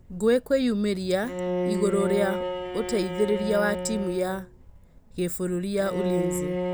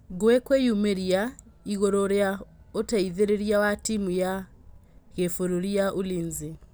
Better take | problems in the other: second | background sound (Bowed string instrument); 4 dB below the speech

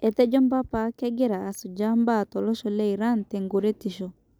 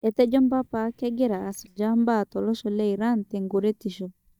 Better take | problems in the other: first | noise reduction (neural mask model DeepFilterNet 3)

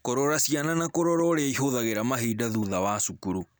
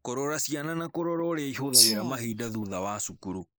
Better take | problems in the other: first | noise reduction (neural mask model Resemble Enhance denoiser)

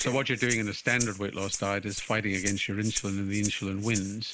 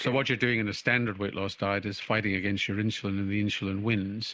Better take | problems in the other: second | background sound (Rattle (instrument)); 9 dB below the speech

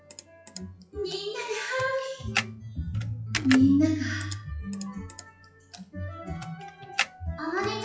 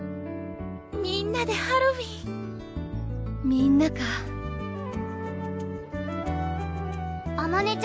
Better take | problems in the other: second | noise reduction (classical method WPE with log-MMSE)

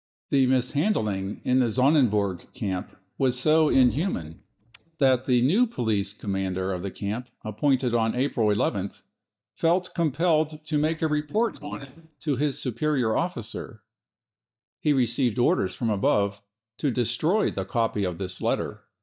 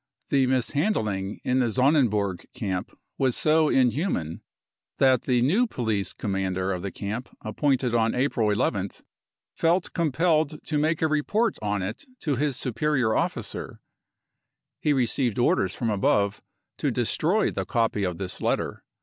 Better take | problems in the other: second | noise reduction (neural mask model DeepFilterNet 3)

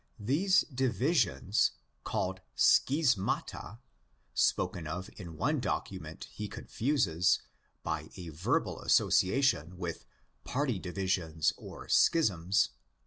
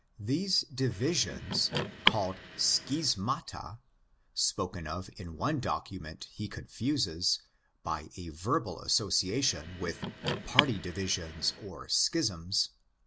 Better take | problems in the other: first | background sound (Car); 2 dB below the speech

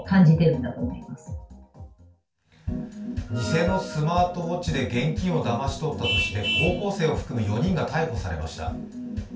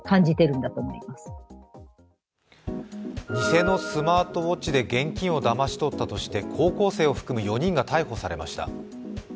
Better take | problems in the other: second | background sound (Vehicle horn, car horn, honking); 12 dB below the speech // room echo; dies away in 0.3 s

